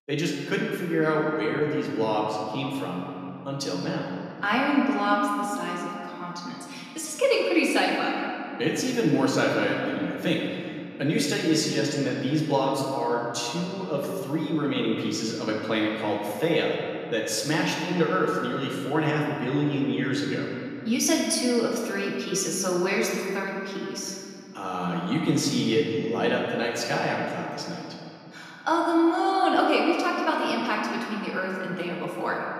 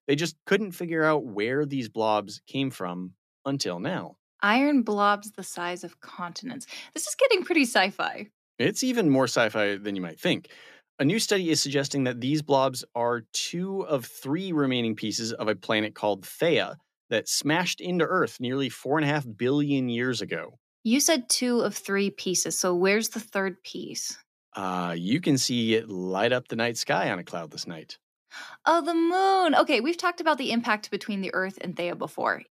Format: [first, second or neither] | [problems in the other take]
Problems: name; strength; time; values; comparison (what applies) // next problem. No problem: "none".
second | off-mic speech; far // room echo; noticeable; dies away in 2.4 s